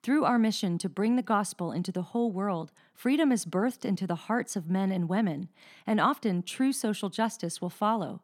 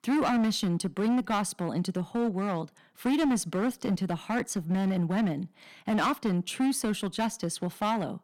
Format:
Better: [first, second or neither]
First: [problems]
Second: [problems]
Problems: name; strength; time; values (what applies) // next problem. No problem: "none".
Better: first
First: none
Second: distortion; slight; 13% of the sound clipped